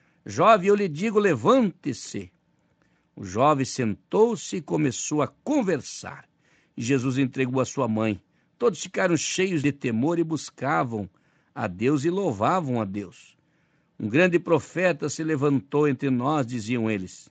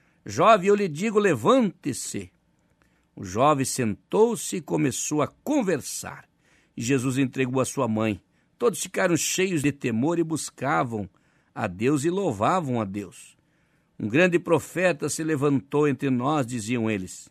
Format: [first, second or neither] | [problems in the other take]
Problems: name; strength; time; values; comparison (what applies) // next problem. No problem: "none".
second | garbled, watery; slightly; nothing above 7.5 kHz